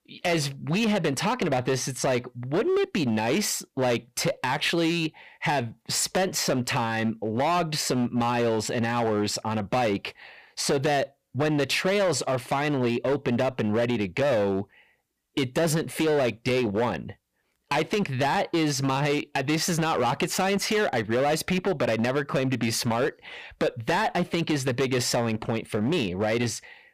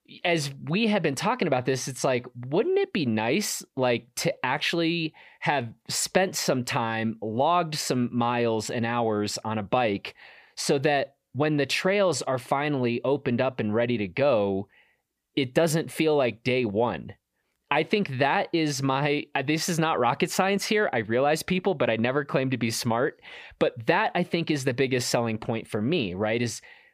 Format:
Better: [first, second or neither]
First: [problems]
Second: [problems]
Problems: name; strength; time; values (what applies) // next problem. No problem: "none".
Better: second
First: distortion; slight; 14% of the sound clipped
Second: none